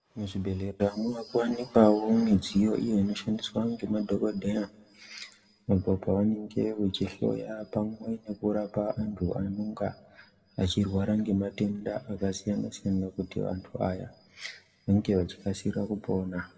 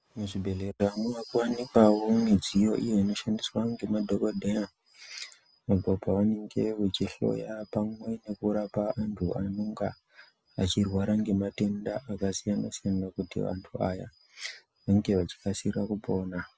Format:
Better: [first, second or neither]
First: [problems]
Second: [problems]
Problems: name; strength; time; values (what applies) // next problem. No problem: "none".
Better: second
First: room echo; dies away in 1.3 s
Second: none